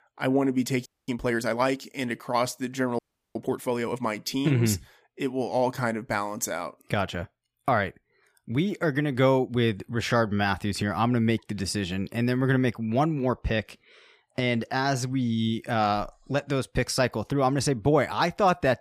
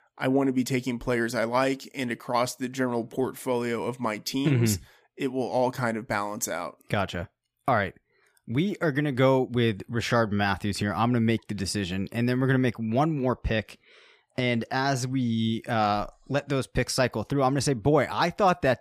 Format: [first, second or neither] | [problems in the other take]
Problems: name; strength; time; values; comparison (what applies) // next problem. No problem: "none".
second | audio freezing; at 1 s and at 3 s